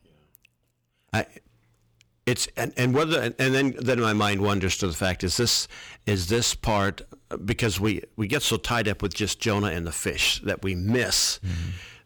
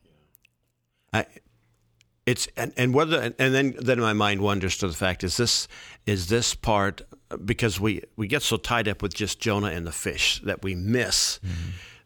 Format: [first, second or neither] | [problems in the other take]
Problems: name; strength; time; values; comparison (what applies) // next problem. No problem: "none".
second | distortion; slight; 6% of the sound clipped